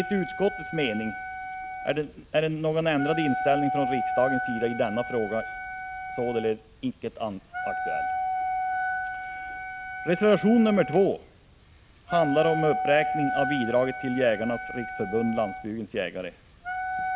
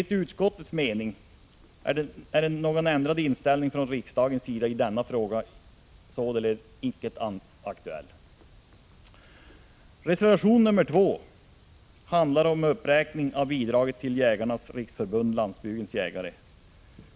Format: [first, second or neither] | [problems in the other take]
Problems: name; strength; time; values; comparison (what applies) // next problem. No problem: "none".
second | background sound (Wind instrument, woodwind instrument); 5 dB below the speech